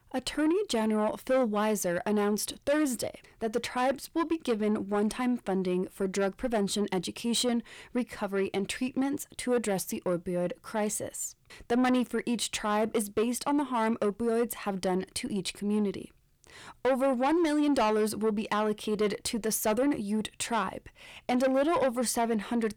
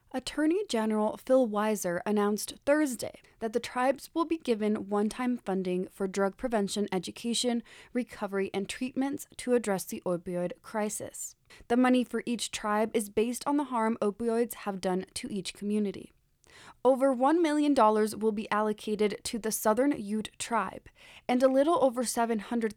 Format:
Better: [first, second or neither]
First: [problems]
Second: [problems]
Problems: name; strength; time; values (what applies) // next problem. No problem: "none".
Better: second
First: distortion; slight; 10 dB below the speech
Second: none